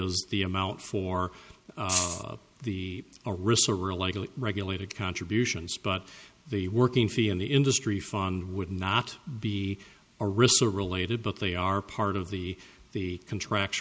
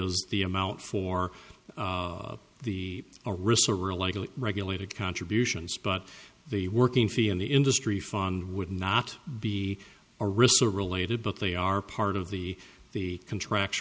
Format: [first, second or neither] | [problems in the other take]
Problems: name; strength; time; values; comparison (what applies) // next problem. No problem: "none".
second | background sound (Rattle (instrument)); as loud as the speech